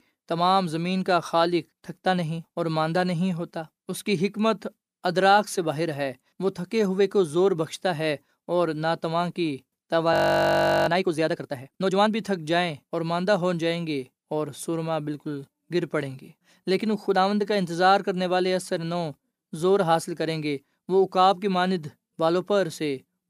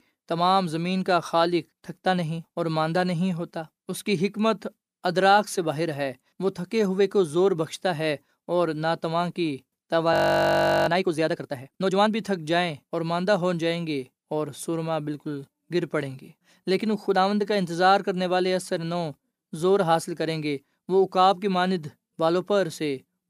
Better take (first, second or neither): neither